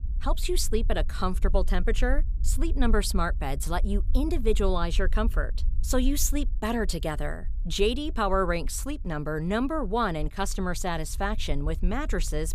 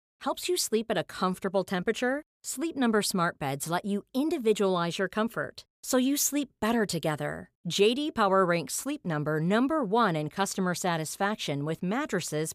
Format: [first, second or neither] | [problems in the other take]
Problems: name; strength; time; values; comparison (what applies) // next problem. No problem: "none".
second | low rumble; faint; throughout; 25 dB below the speech